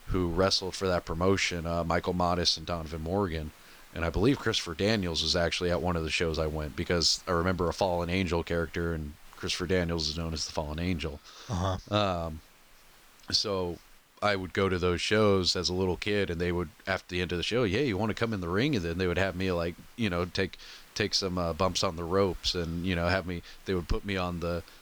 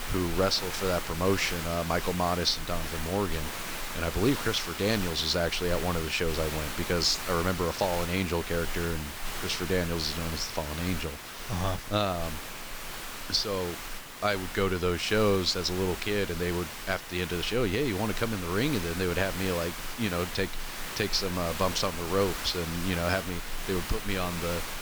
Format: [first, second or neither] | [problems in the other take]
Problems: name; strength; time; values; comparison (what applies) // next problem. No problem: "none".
first | hiss; loud; throughout; 6 dB below the speech; faint in the first